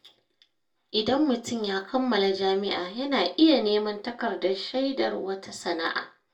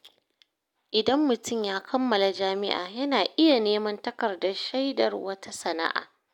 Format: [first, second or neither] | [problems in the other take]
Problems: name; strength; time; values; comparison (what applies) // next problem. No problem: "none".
second | room echo; dies away in 0.2 s